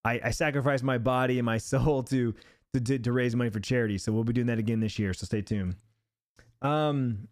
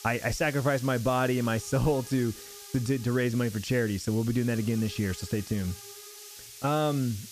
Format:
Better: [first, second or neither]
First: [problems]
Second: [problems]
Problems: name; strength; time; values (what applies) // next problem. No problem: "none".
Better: first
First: none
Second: hiss; noticeable; throughout; 15 dB below the speech